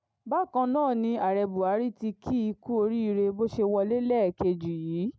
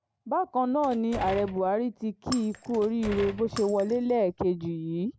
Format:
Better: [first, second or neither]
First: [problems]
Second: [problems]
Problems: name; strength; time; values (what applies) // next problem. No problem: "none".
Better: first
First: none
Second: background sound (Door + Shatter); 14 dB below the speech